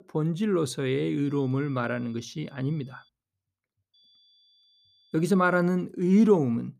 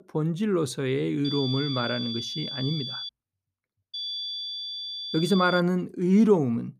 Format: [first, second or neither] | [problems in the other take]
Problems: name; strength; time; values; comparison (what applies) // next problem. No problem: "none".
first | high-pitched whine; loud; from 1.5 to 3 s and from 4 to 5.5 s; 3.5 kHz, 7 dB below the speech; faint in the first